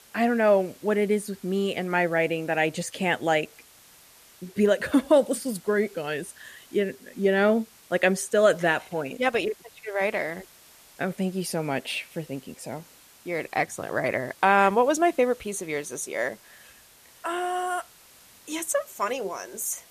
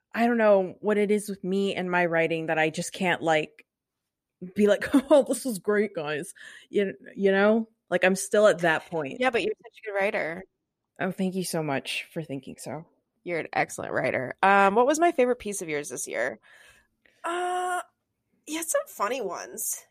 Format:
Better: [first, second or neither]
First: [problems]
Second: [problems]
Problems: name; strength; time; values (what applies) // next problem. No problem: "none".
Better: second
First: hiss; faint; throughout; 25 dB below the speech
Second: none